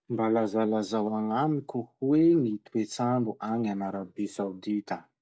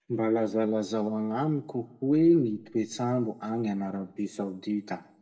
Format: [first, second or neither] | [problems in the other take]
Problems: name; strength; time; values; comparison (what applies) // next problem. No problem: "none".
first | room echo; dies away in 0.6 s